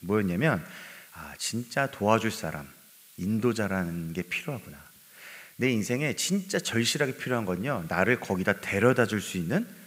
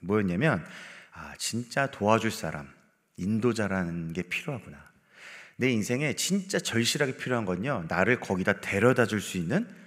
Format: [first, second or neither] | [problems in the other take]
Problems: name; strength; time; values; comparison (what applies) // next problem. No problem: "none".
second | hiss; faint; throughout; 25 dB below the speech